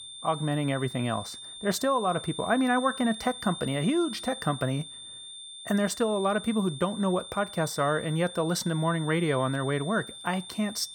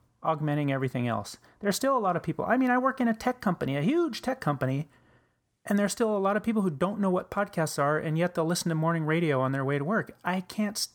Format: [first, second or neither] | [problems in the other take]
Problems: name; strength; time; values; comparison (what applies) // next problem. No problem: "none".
second | high-pitched whine; noticeable; throughout; 3.5 kHz, 10 dB below the speech